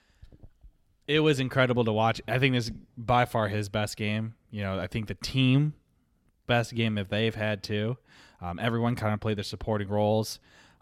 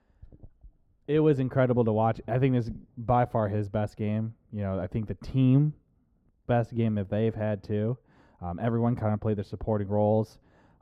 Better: first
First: none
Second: muffled; very; fading above 1.5 kHz

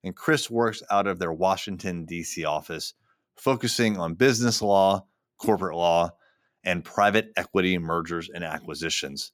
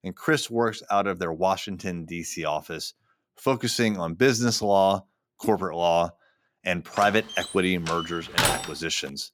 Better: first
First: none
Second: door banging; loud; from 7 to 8.5 s; peak 3 dB above the speech

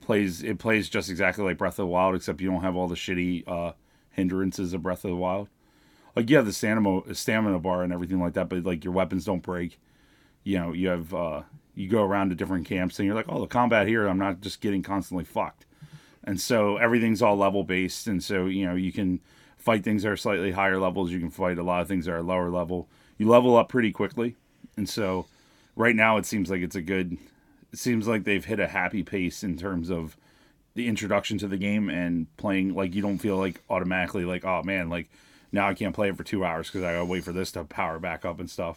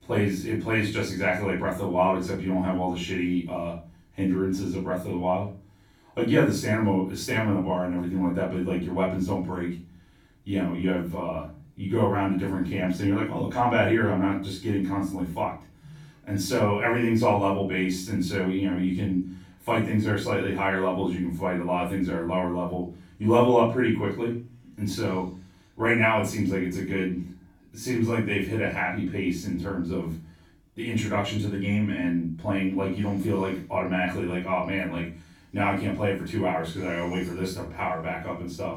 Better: first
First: none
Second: off-mic speech; far // room echo; noticeable; dies away in 0.4 s

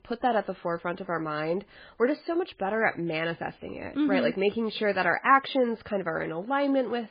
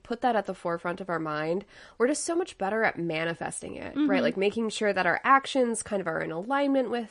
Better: second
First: garbled, watery; badly; nothing above 5 kHz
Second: garbled, watery; slightly; nothing above 10.5 kHz

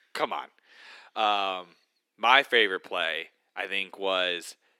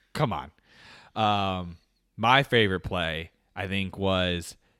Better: second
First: thin; very; fading below 300 Hz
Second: none

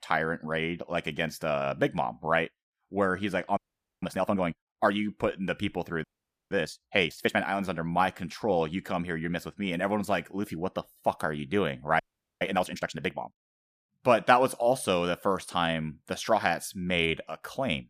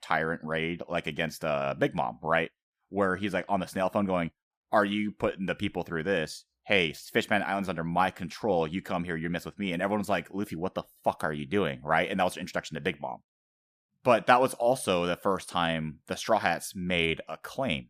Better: second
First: audio freezing; at 3.5 s, at 6 s and at 12 s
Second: none

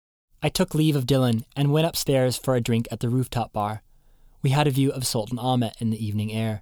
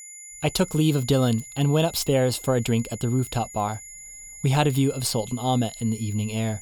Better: first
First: none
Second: high-pitched whine; noticeable; throughout; 7 kHz, 15 dB below the speech

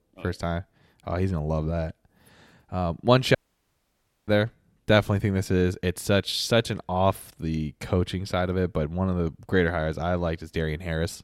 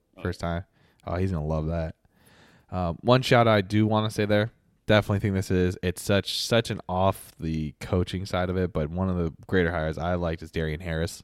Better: second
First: audio cutting out; at 3.5 s for 1 s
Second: none

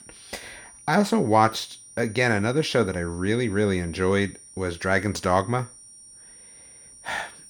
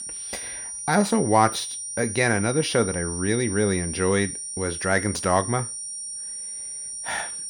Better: first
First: high-pitched whine; faint; throughout; 9 kHz, 20 dB below the speech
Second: high-pitched whine; loud; throughout; 9 kHz, 6 dB below the speech

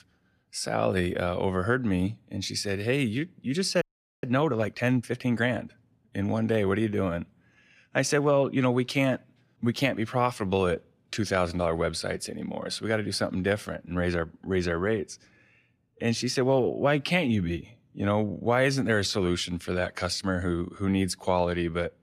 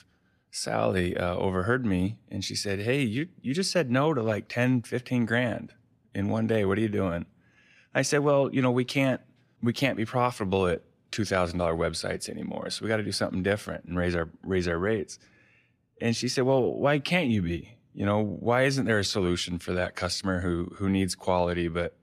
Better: second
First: audio freezing; at 4 s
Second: none

